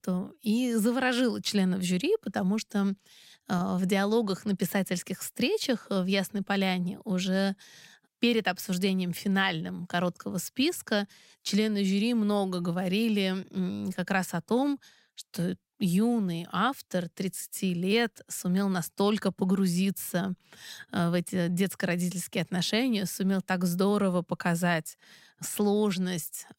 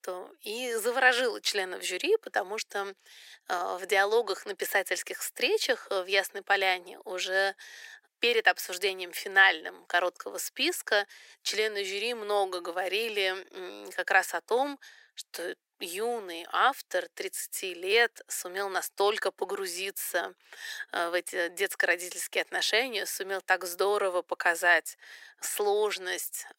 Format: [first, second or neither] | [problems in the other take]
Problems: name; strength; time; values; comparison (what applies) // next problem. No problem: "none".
first | thin; very; fading below 350 Hz